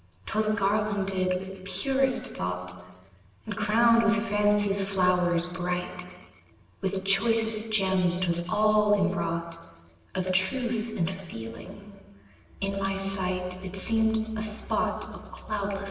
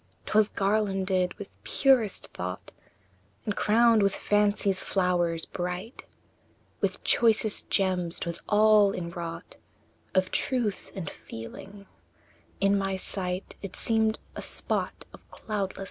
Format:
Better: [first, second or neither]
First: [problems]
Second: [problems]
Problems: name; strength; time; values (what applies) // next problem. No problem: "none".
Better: second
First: room echo; dies away in 1.4 s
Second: none